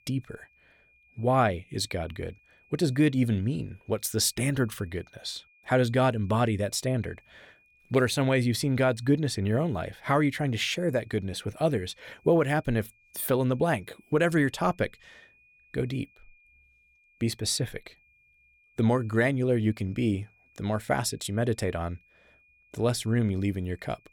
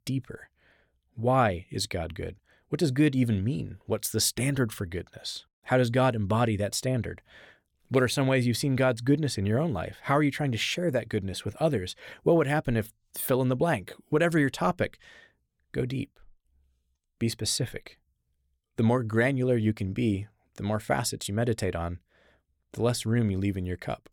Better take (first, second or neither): second